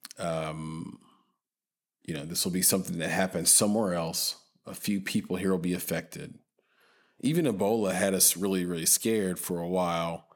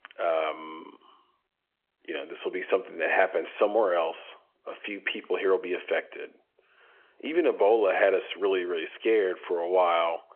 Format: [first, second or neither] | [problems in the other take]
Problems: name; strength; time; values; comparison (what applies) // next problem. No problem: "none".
first | phone-call audio